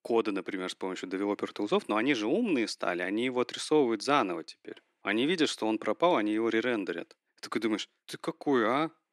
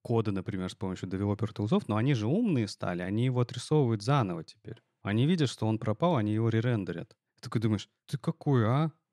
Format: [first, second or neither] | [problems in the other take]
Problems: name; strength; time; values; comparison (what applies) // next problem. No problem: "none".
second | thin; somewhat; fading below 300 Hz